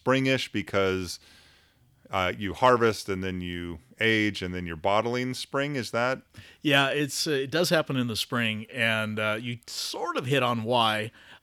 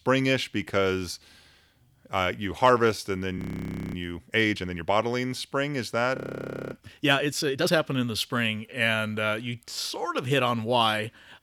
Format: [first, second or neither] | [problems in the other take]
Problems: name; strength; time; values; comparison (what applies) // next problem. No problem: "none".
first | audio freezing; at 3.5 s for 0.5 s and at 6 s for 0.5 s